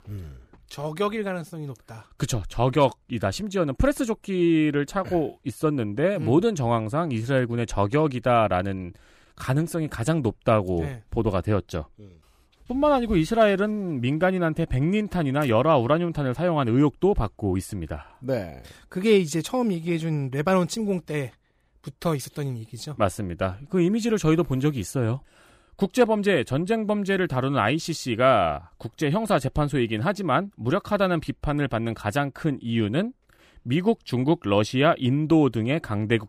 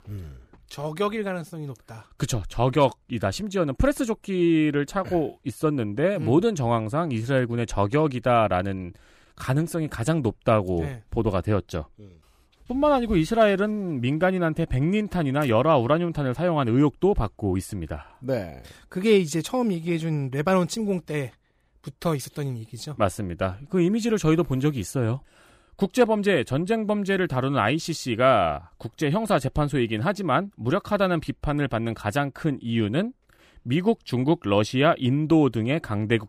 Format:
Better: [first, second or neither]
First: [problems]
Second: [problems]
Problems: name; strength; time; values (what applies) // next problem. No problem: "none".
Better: neither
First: none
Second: none